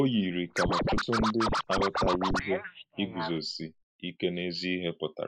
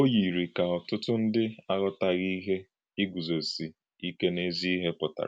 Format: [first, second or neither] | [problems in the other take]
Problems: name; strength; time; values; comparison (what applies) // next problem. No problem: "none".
second | noise reduction (neural mask model Resemble Enhance denoiser)